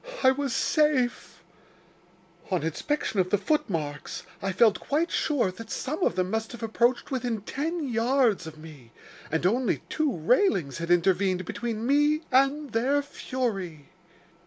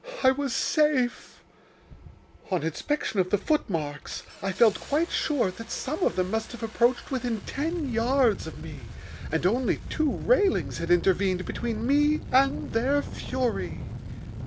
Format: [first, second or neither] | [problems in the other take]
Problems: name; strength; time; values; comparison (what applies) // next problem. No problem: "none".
first | background sound (Engine starting); 12 dB below the speech